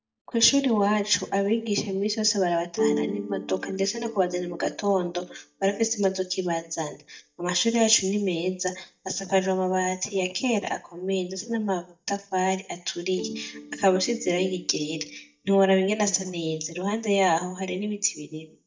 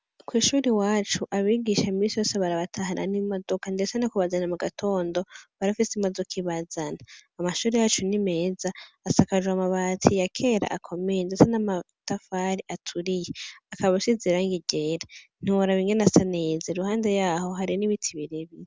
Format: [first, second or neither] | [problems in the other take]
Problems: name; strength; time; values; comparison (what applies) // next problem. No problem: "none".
second | noise reduction (neural mask model DeepFilterNet 3)